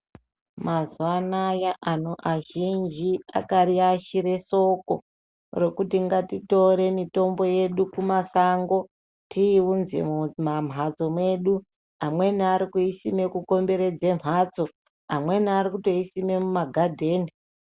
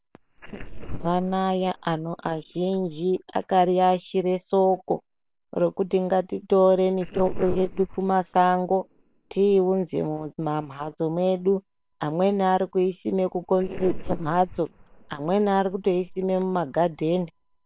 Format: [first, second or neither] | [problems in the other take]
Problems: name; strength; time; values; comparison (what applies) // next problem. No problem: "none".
first | noise reduction (neural separator model SepFormer WHAM!)